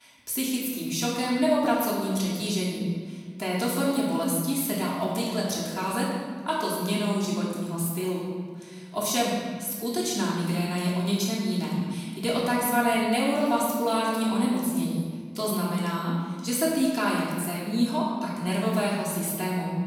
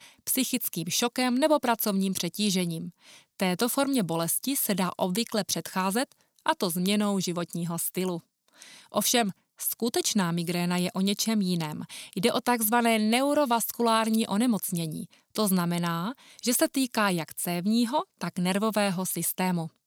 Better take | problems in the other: second | room echo; noticeable; dies away in 1.8 s // off-mic speech; far

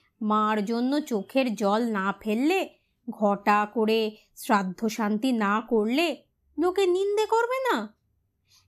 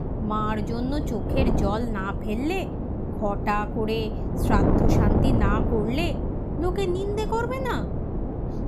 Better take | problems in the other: first | wind noise on the microphone; heavy; 3 dB below the speech

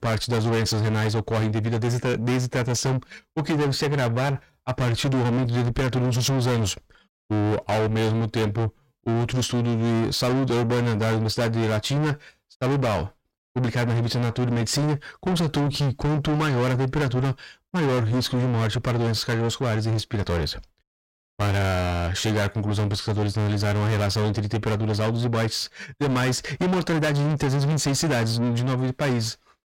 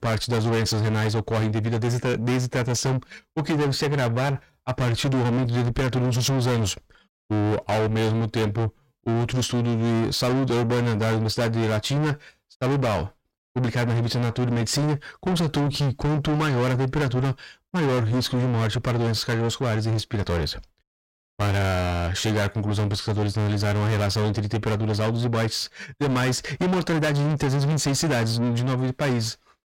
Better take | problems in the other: neither | distortion; heavy; 6 dB below the speech; the same in both

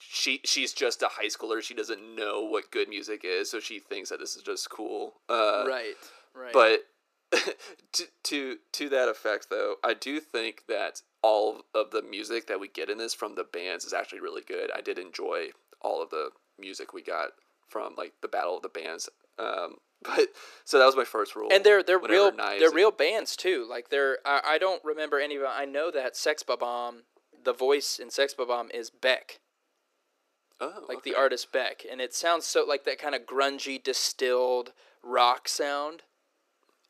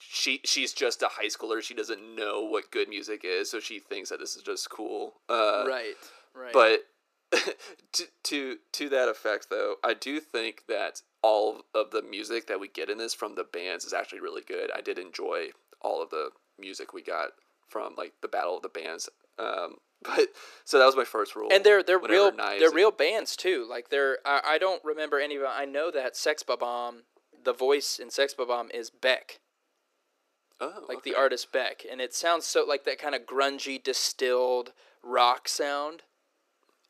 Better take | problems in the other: neither | thin; very; fading below 350 Hz; the same in both

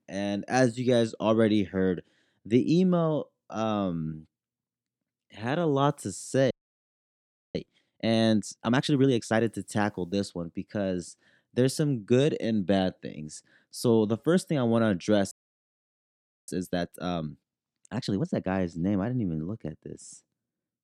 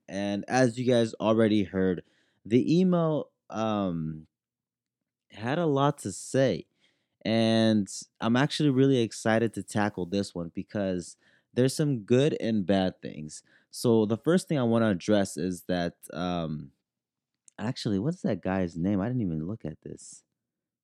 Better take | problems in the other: second | audio freezing; at 6.5 s for 1 s and at 15 s for 1 s

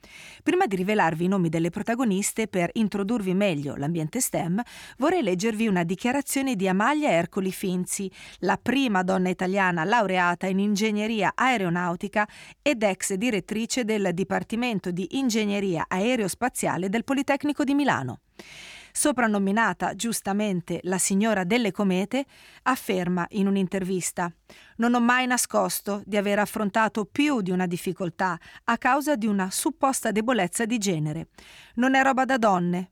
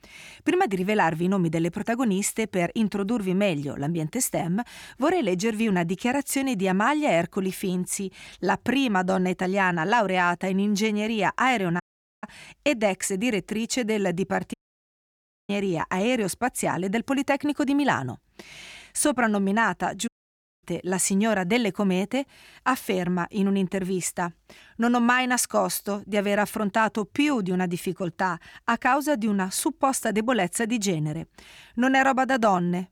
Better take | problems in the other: first | audio cutting out; at 12 s, at 15 s for 1 s and at 20 s for 0.5 s

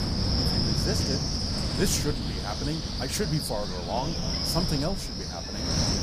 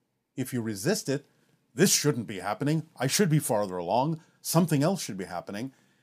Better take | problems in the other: second | wind noise on the microphone; heavy; 3 dB above the speech

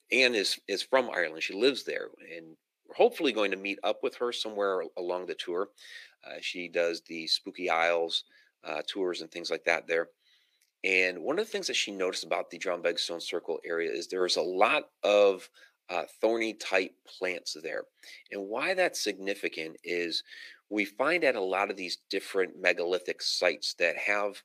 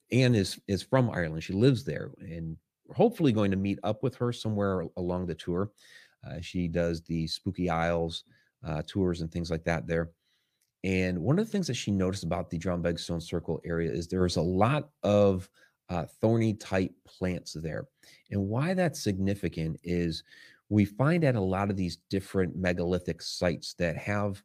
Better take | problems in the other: second | thin; very; fading below 350 Hz

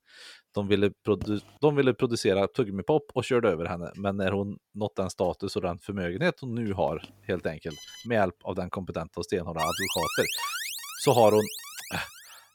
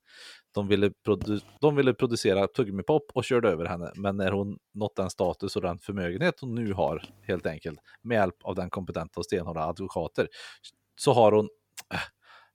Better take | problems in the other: second | alarm; faint; at 7.5 s; peak 15 dB below the speech // alarm; noticeable; from 9.5 s on; peak 1 dB below the speech

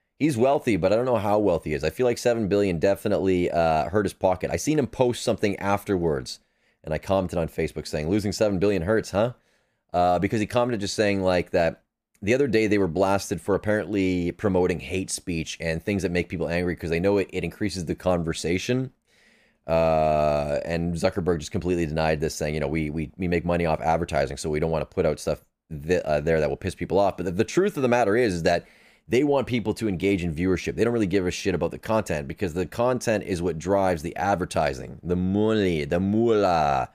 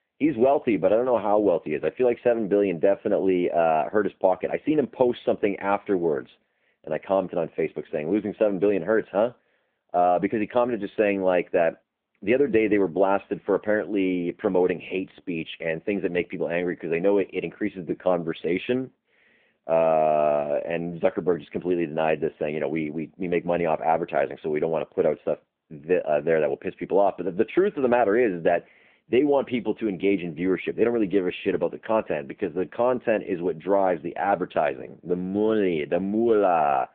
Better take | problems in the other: first | phone-call audio

